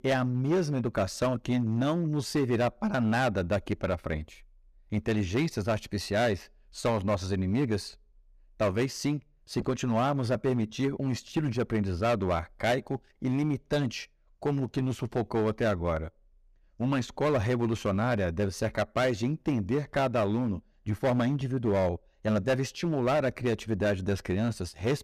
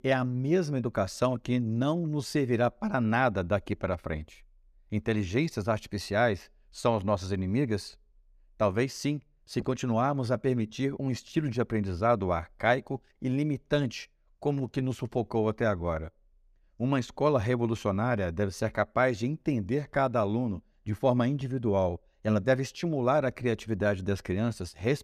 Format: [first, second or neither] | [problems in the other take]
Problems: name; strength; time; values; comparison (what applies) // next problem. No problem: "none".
second | distortion; slight; 8% of the sound clipped